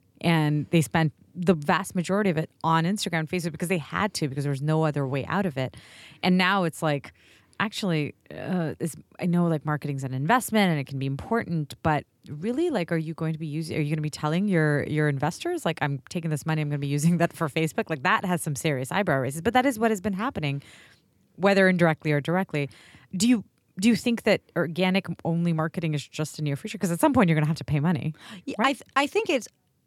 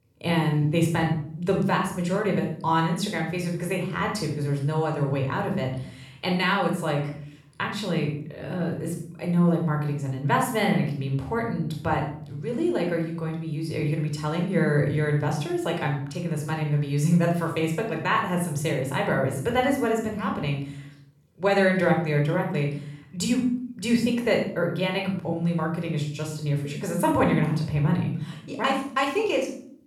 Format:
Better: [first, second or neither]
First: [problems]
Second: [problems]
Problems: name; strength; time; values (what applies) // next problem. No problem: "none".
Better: first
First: none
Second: off-mic speech; somewhat distant // room echo; noticeable; dies away in 0.5 s